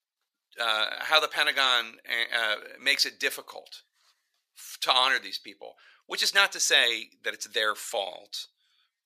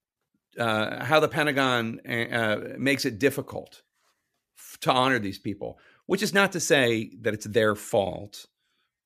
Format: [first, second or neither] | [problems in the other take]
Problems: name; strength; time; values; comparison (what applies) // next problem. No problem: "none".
second | thin; very; fading below 900 Hz